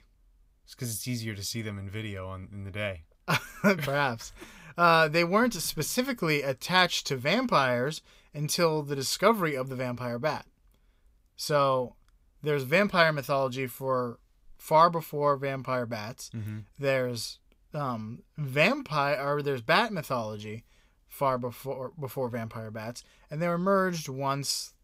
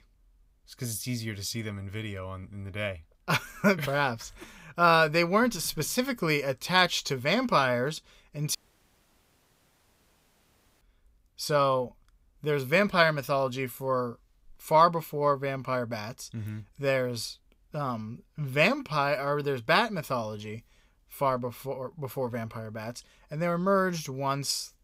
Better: first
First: none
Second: audio cutting out; at 8.5 s for 2.5 s

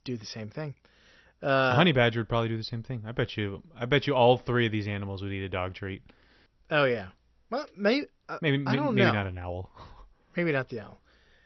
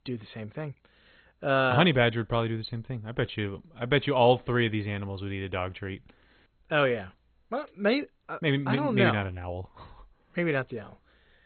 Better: first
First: garbled, watery; slightly; nothing above 6 kHz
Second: garbled, watery; badly; nothing above 4 kHz

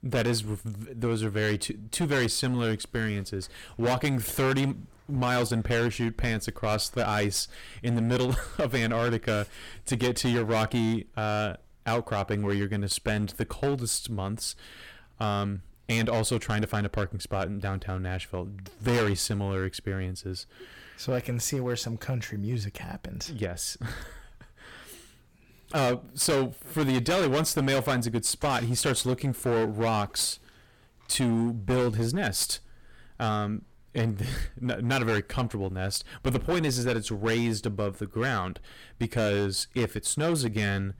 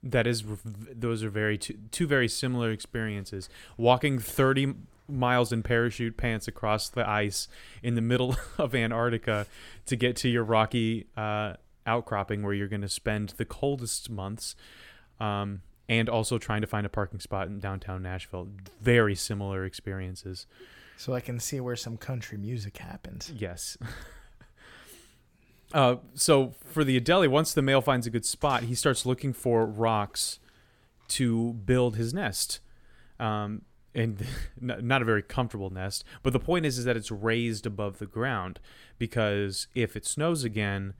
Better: second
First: distortion; heavy; 10% of the sound clipped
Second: none

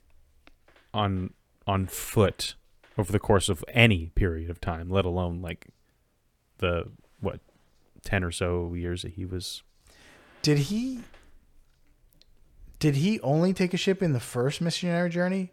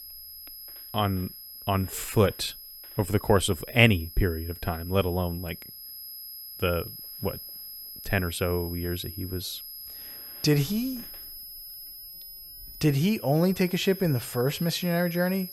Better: first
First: none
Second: high-pitched whine; noticeable; throughout; 11.5 kHz, 10 dB below the speech

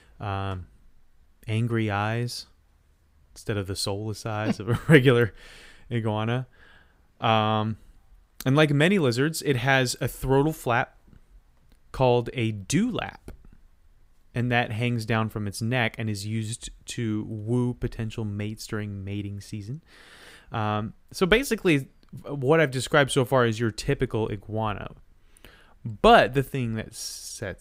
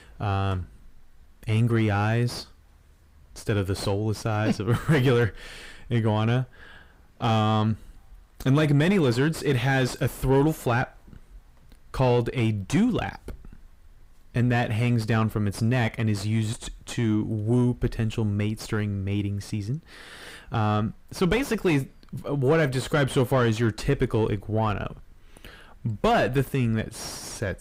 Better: first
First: none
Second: distortion; heavy; 5 dB below the speech

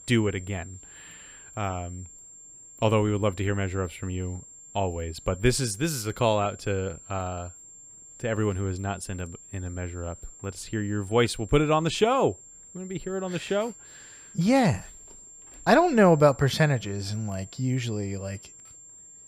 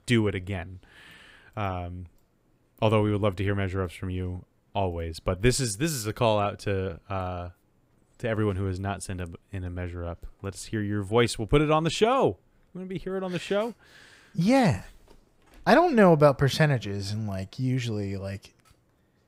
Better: second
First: high-pitched whine; noticeable; throughout; 7.5 kHz, 20 dB below the speech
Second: none

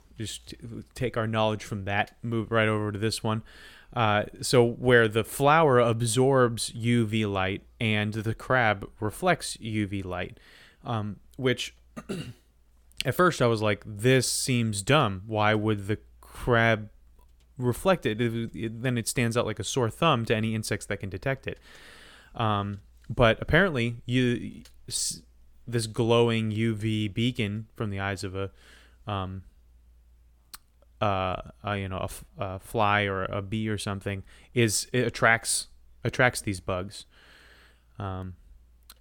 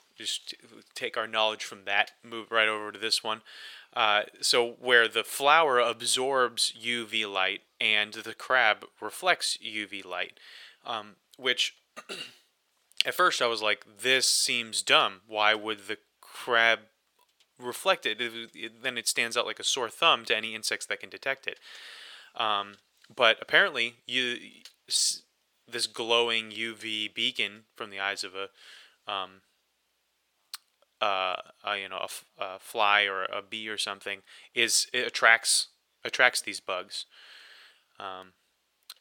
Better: first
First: none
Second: thin; very; fading below 550 Hz

